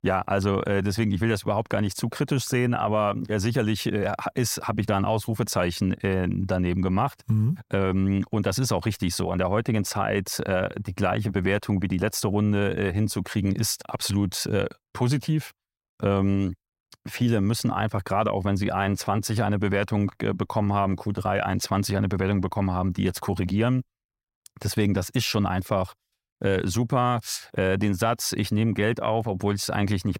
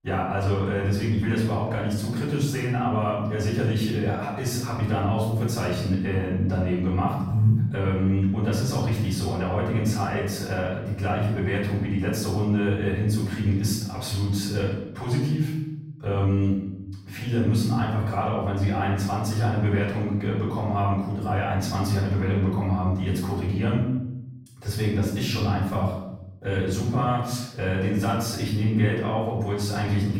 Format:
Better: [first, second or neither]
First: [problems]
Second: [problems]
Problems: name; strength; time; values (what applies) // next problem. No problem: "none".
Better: first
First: none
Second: off-mic speech; far // room echo; noticeable; dies away in 1 s